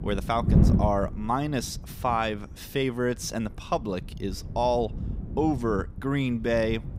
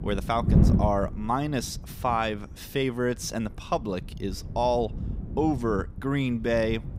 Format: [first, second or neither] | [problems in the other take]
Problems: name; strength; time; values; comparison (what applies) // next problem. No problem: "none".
neither | wind noise on the microphone; occasional gusts; 10 dB below the speech; the same in both